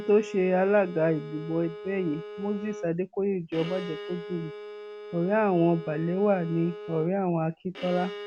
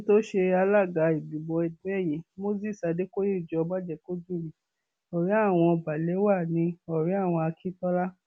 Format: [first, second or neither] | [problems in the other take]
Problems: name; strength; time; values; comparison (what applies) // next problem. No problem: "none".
second | background sound (Bowed string instrument); 13 dB below the speech